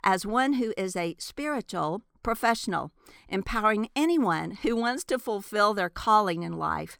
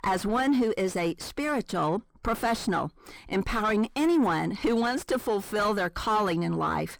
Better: first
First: none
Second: distortion; heavy; 6 dB below the speech

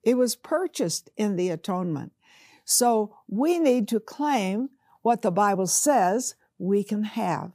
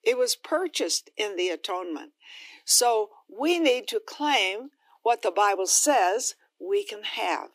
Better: first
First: none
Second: thin; somewhat; fading below 300 Hz

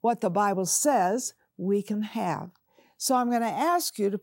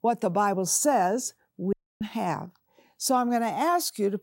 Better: first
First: none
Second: audio cutting out; at 1.5 s

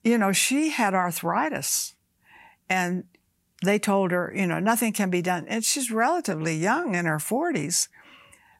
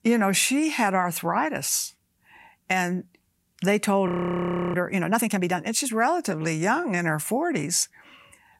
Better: first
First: none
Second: audio freezing; at 4 s for 0.5 s

